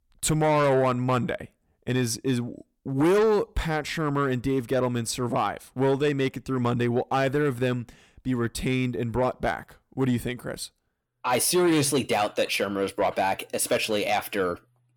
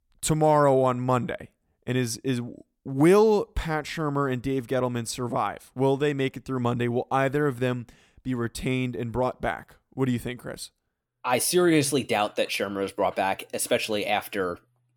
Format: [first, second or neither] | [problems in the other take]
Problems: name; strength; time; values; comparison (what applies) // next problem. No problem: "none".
second | distortion; slight; 10 dB below the speech